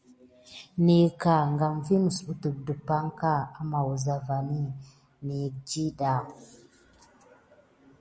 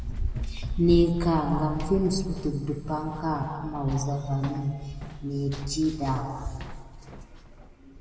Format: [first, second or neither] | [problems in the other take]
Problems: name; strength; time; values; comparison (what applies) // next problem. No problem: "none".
first | background sound (Run); 7 dB below the speech // room echo; dies away in 2 s